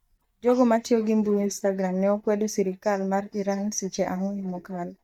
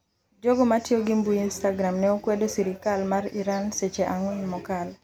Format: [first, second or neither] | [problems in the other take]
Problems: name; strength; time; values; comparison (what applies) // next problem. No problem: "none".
second | noise reduction (neural mask model DeepFilterNet 3)